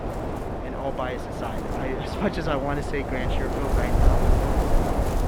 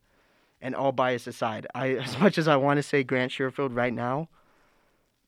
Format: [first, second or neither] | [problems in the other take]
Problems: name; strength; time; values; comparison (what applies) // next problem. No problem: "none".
second | wind noise on the microphone; heavy; 1 dB above the speech